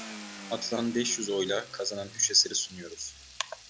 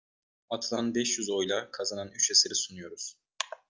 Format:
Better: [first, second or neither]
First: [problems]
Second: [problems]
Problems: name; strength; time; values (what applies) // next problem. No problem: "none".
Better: second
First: background sound (Car + Water tap, faucet / Liquid); 15 dB below the speech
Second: none